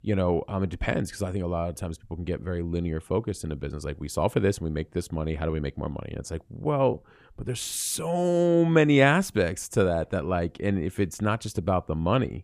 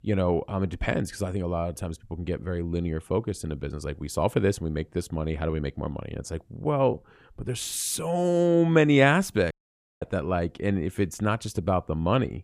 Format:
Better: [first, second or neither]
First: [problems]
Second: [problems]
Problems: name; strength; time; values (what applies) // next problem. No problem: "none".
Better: first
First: none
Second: audio cutting out; at 9.5 s for 0.5 s